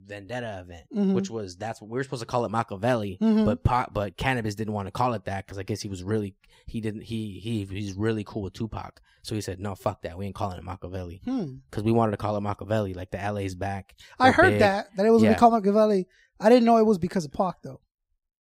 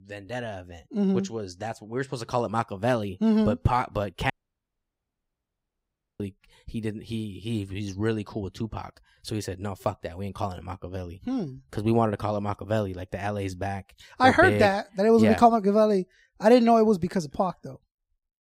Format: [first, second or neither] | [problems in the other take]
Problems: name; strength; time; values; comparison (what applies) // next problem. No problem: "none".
first | audio cutting out; at 4.5 s for 2 s